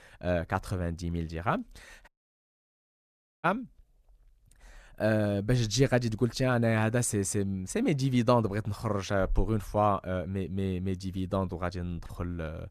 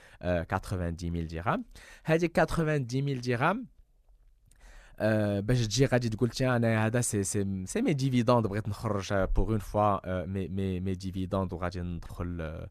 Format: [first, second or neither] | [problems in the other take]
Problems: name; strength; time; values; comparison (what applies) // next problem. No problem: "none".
second | audio cutting out; at 2 s for 1.5 s